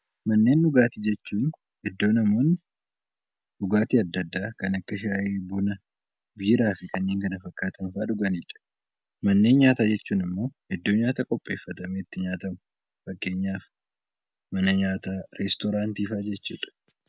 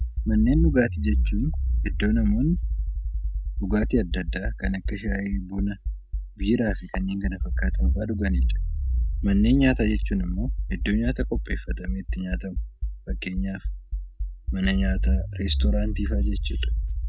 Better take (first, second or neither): first